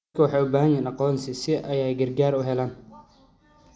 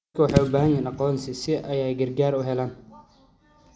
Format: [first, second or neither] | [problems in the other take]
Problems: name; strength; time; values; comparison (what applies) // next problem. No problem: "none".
first | background sound (Fireworks / Boom); 8 dB below the speech